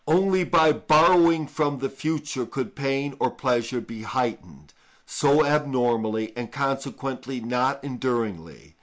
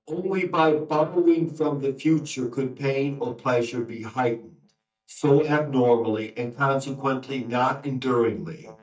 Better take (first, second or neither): first